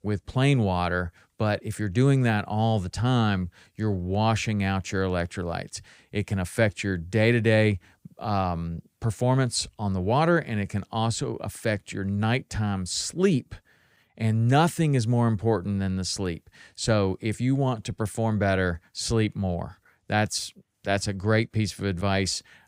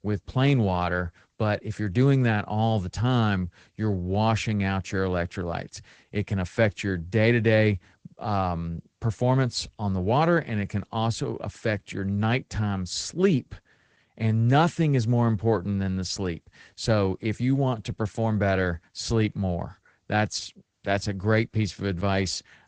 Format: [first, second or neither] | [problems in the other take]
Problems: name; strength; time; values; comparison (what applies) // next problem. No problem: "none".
first | garbled, watery; slightly; nothing above 8 kHz